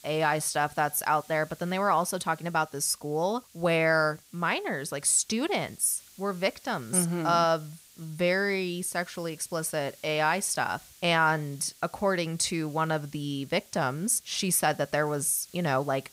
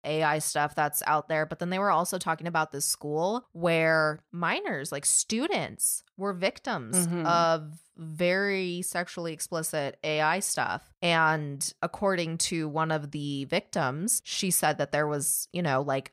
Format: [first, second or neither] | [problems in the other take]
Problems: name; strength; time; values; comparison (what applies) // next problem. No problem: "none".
second | hiss; faint; throughout; 25 dB below the speech